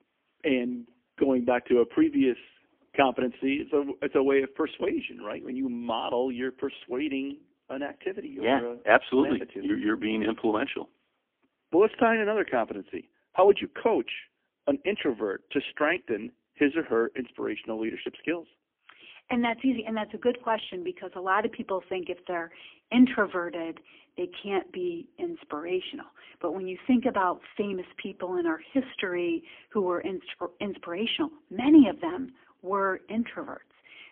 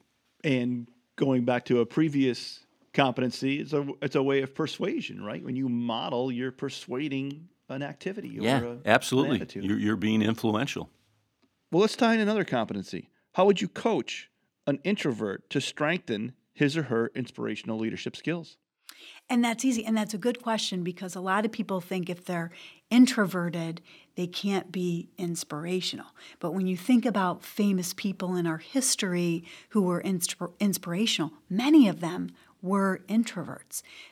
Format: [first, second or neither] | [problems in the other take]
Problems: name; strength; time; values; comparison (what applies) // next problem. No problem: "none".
second | phone-call audio; poor line; nothing above 3.5 kHz